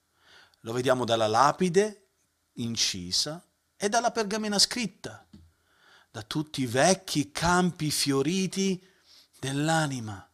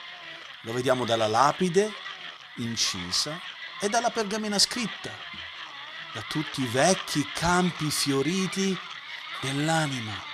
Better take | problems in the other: first | machinery noise; loud; throughout; 10 dB below the speech

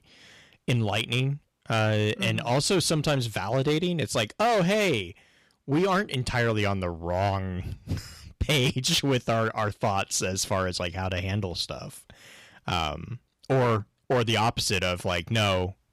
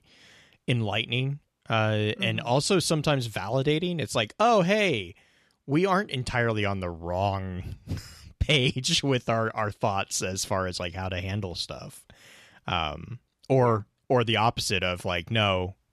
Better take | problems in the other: second | distortion; slight; 7% of the sound clipped

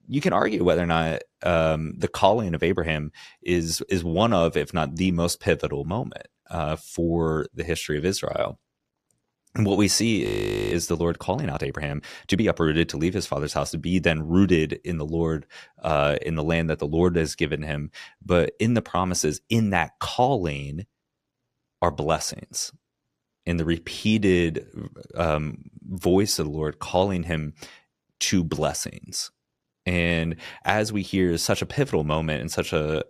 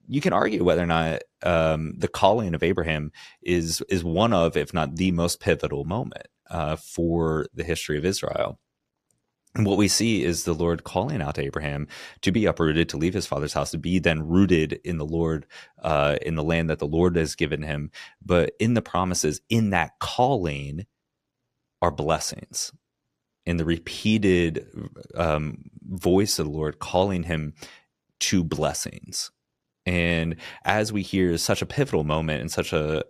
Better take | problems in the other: second | audio freezing; at 10 s

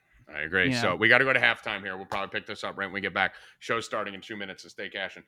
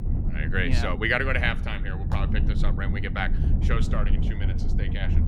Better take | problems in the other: first | low rumble; noticeable; throughout; 10 dB below the speech

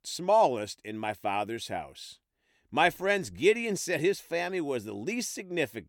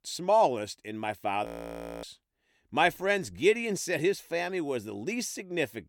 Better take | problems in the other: first | audio freezing; at 1.5 s for 0.5 s

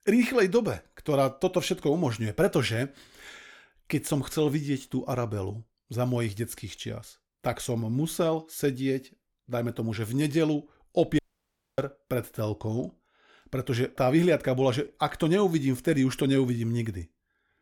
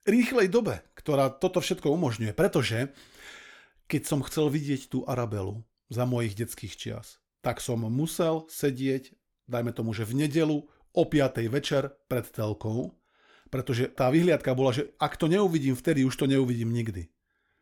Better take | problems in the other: second | audio cutting out; at 11 s for 0.5 s

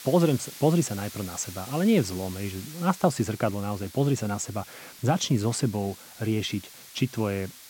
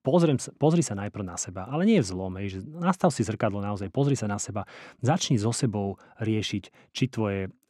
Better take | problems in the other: second | hiss; noticeable; throughout; 15 dB below the speech

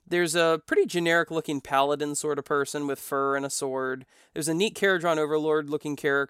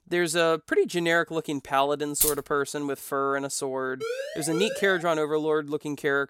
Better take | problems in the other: first | jangling keys; loud; at 2 s; peak 2 dB above the speech // siren; noticeable; from 4 to 5 s; peak 6 dB below the speech

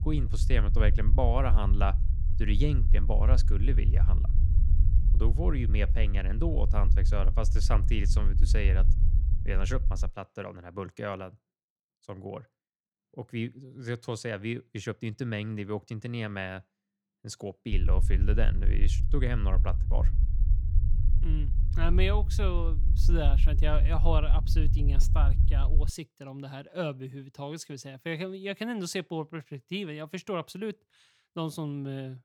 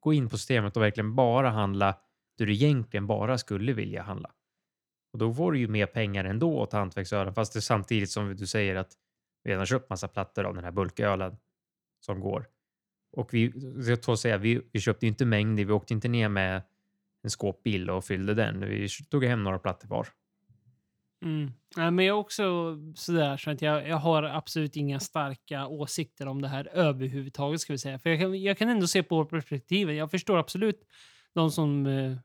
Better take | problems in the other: second | low rumble; noticeable; until 10 s and from 18 to 26 s; 10 dB below the speech

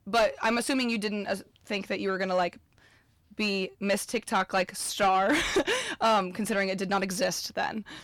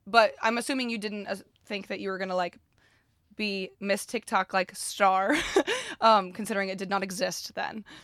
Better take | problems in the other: second | distortion; heavy; 8 dB below the speech

